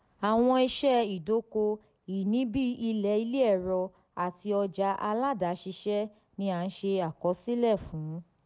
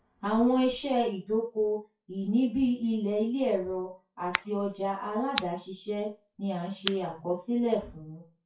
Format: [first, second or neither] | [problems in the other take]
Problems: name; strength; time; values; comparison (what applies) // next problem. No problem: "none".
first | noise reduction (classical method WPE with log-MMSE)